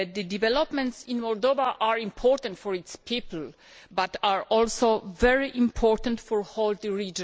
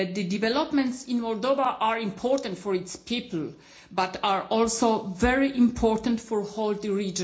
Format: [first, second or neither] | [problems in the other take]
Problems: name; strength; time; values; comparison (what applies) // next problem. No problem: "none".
first | room echo; dies away in 0.4 s